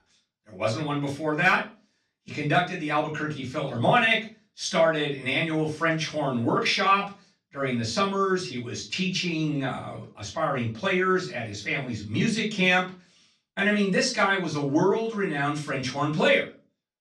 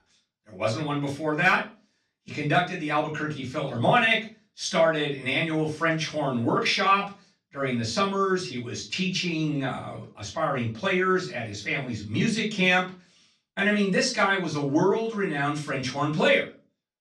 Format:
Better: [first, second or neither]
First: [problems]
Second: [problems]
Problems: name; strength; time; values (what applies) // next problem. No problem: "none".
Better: neither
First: room echo; slight; dies away in 0.3 s // off-mic speech; far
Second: room echo; slight; dies away in 0.3 s // off-mic speech; far